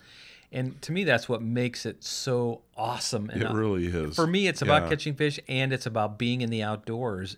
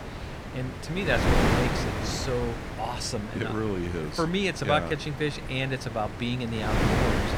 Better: first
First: none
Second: wind noise on the microphone; heavy; 2 dB below the speech

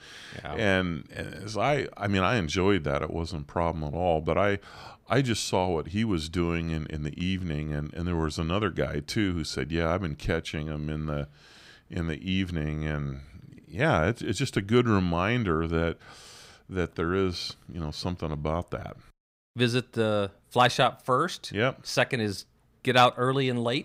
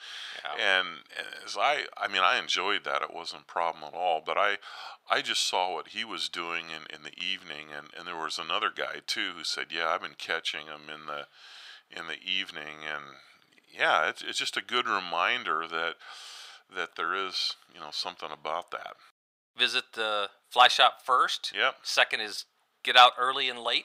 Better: first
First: none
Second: thin; very; fading below 750 Hz

